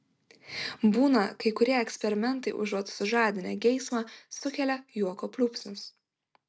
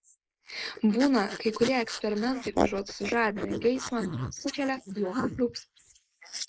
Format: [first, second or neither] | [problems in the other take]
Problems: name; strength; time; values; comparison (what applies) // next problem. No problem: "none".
first | noise reduction (neural mask model Resemble Enhance denoiser)